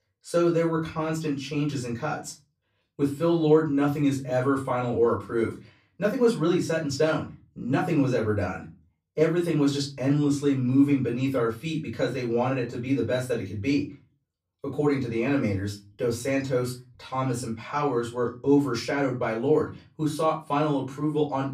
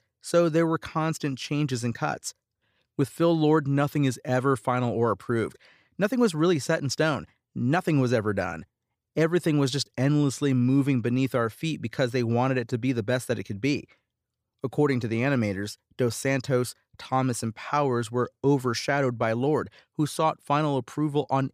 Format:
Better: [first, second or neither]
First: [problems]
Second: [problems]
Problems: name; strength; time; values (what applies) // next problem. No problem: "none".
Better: second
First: off-mic speech; far // room echo; slight; dies away in 0.3 s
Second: none